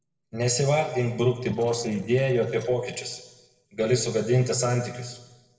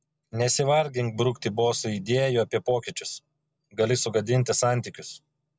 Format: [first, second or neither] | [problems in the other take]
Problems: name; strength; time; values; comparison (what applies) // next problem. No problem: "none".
second | noise reduction (neural separator model SepFormer DNS4)